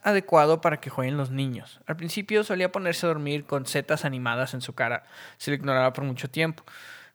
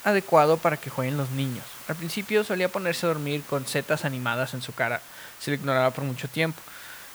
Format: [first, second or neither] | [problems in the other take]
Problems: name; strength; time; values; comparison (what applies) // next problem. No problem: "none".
first | hiss; noticeable; throughout; 15 dB below the speech